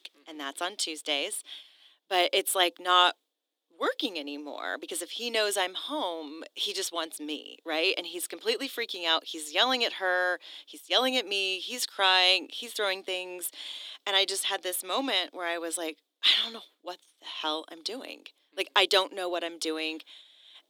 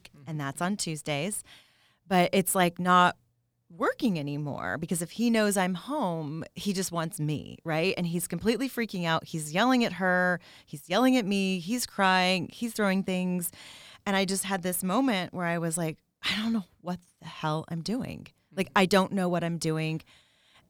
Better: second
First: thin; somewhat; fading below 300 Hz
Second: none

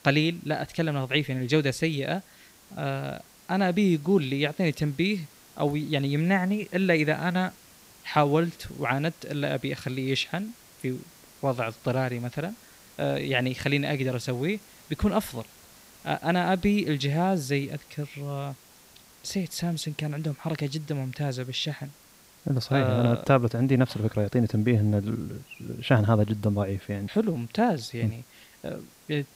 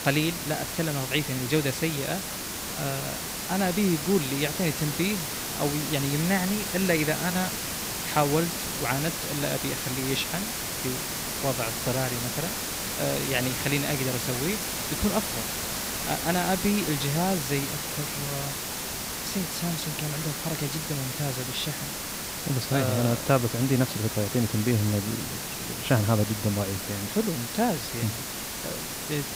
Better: first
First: hiss; faint; throughout; 25 dB below the speech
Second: hiss; loud; throughout; 2 dB below the speech

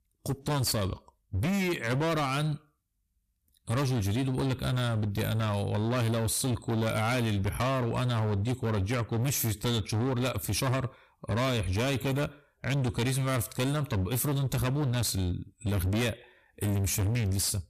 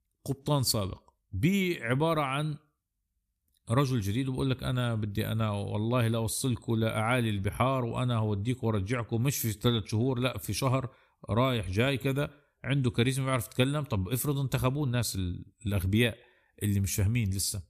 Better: second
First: distortion; heavy; 29% of the sound clipped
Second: none

